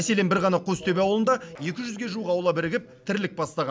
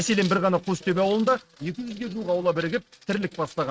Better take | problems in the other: first | noise reduction (neural mask model RNNoise)

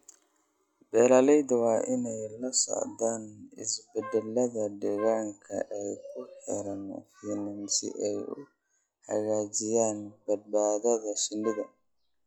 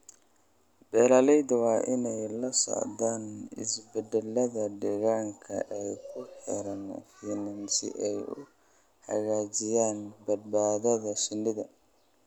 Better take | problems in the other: second | noise reduction (classical method log-MMSE)

